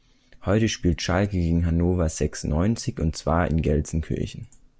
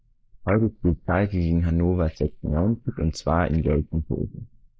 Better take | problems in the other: first | noise reduction (neural mask model Resemble Enhance denoiser)

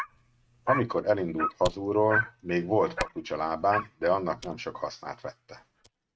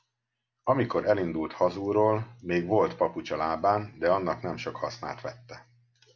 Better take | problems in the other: second | noise reduction (neural mask model RNNoise)

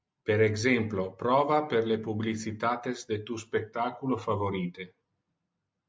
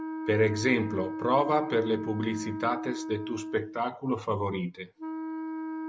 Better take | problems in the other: first | background sound (Wind instrument, woodwind instrument); 7 dB below the speech

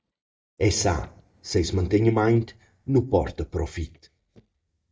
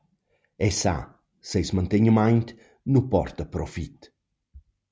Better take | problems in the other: second | noise reduction (neural mask model DeepFilterNet 3)

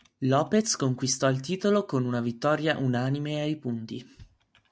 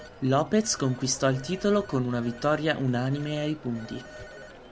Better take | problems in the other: first | background sound (Telephone); 17 dB below the speech

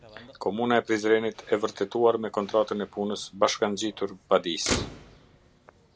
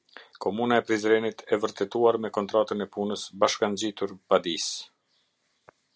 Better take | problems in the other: second | background sound (Motor vehicle (road)); 13 dB below the speech

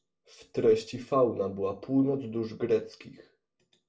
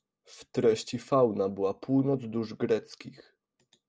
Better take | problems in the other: second | room echo; dies away in 0.2 s

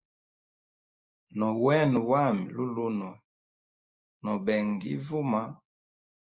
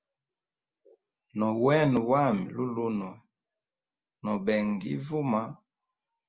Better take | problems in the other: second | noise reduction (neural mask model Resemble Enhance denoiser)

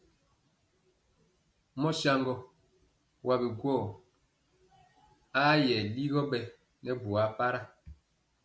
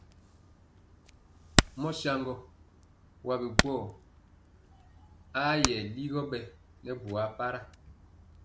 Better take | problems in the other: first | background sound (Hammer); as loud as the speech

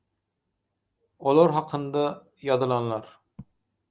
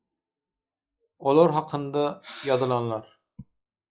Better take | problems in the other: first | noise reduction (classical method log-MMSE)

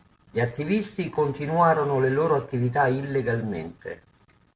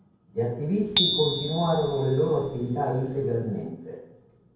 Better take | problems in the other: first | background sound (Bicycle bell); 4 dB below the speech // room echo; dies away in 0.9 s

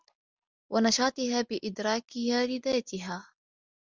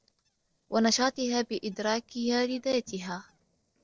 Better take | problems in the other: first | noise reduction (neural separator model SepFormer DNS4)

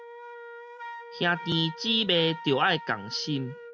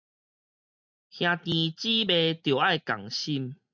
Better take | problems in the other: second | background sound (Wind instrument, woodwind instrument); 14 dB below the speech

